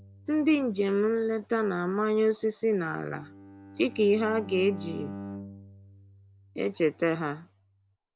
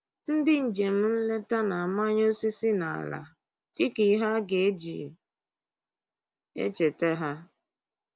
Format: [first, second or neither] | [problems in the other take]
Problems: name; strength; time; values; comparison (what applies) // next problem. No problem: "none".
second | background sound (Bowed string instrument); 17 dB below the speech